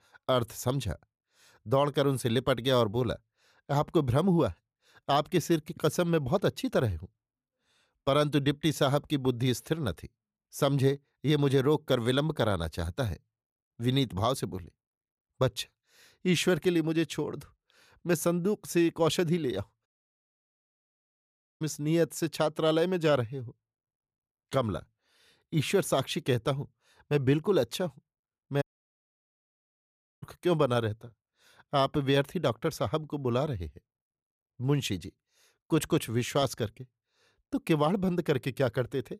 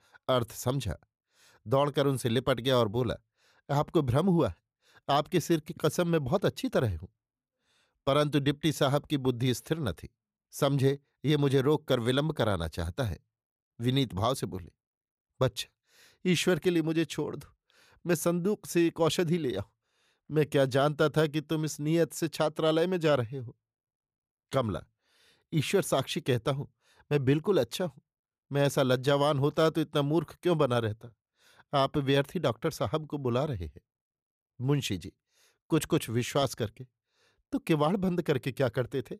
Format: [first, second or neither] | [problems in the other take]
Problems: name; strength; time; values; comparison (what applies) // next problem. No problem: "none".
second | audio cutting out; at 20 s for 2 s and at 29 s for 1.5 s